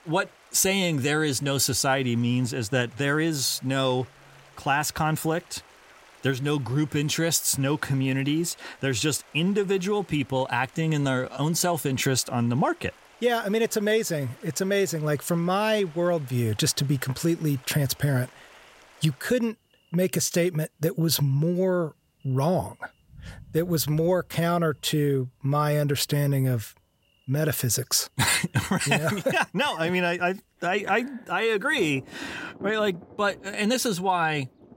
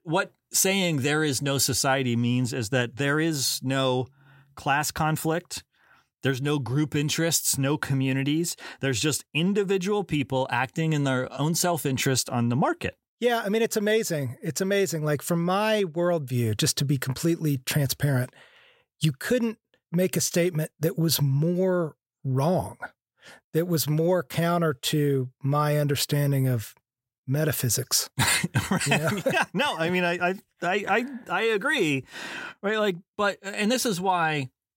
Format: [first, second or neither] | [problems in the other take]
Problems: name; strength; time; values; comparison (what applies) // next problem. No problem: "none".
second | rain or running water; faint; throughout; 25 dB below the speech